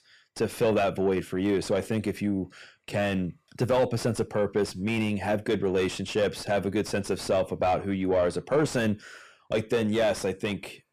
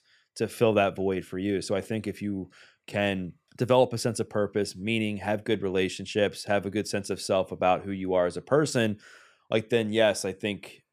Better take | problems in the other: second | distortion; heavy; 7 dB below the speech

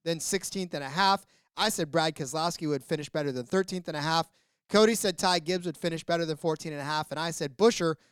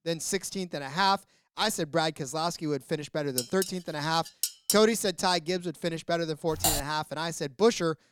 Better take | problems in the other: first | clattering dishes; loud; from 3.5 to 5 s; peak level with the speech // keyboard typing; loud; at 6.5 s; peak 2 dB above the speech

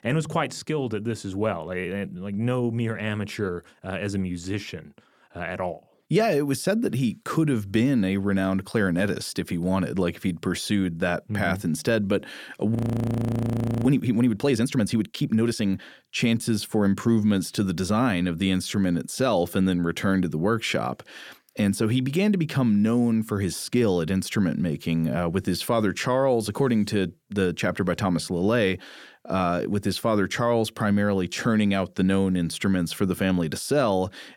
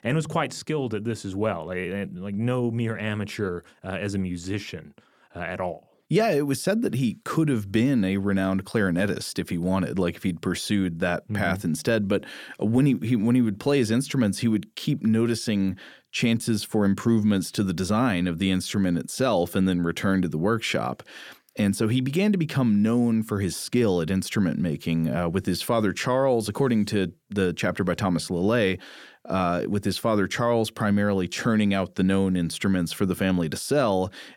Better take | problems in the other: second | audio freezing; at 13 s for 1 s

